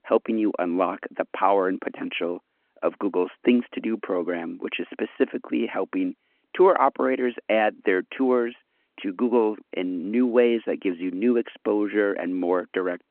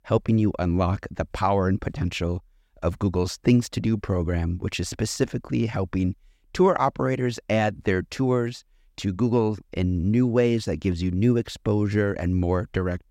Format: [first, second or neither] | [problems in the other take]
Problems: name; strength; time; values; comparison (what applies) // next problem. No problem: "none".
second | phone-call audio